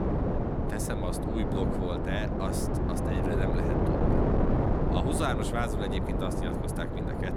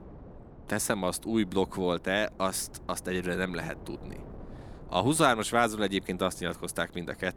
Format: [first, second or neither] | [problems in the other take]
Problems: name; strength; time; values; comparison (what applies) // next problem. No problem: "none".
second | wind noise on the microphone; heavy; 3 dB above the speech; occasional gusts in the second